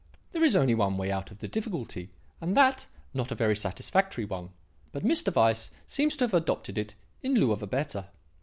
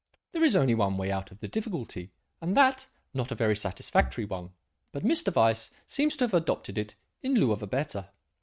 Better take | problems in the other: first | noise reduction (neural mask model RNNoise)

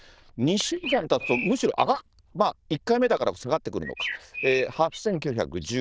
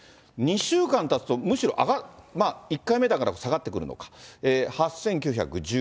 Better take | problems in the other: second | noise reduction (neural diffusion model UNIVERSE++)

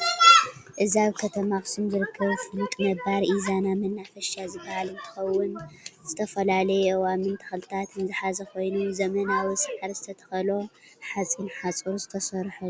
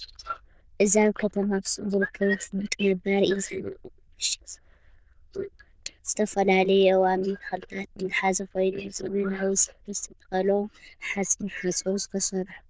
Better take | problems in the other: first | noise reduction (neural diffusion model UNIVERSE++)

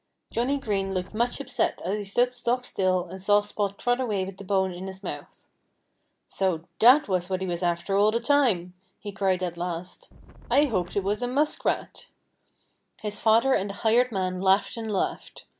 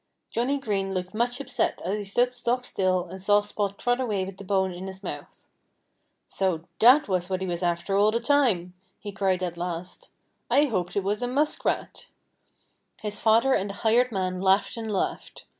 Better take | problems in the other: second | background sound (Wind); 19 dB below the speech

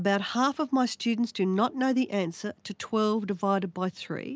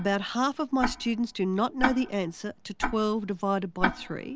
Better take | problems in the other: first | background sound (Tick-tock); 6 dB below the speech

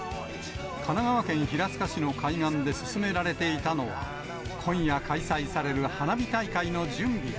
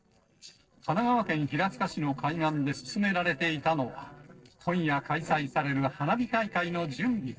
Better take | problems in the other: first | noise reduction (neural separator model SepFormer DNS4)

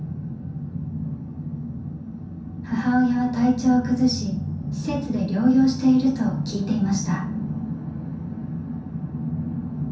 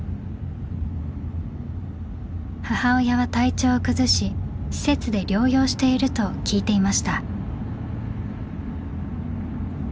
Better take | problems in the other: second | room echo; dies away in 0.6 s

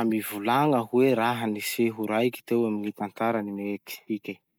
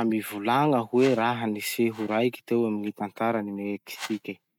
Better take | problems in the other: first | noise reduction (neural mask model RNNoise)

